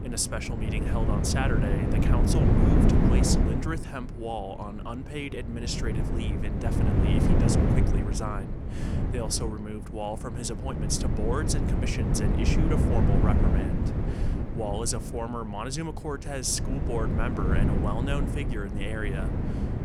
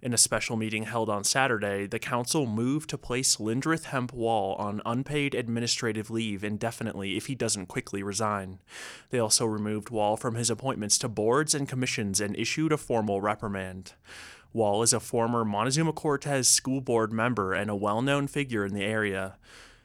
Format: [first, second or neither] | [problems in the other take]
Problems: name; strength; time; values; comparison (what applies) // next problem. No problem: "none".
second | wind noise on the microphone; heavy; 1 dB below the speech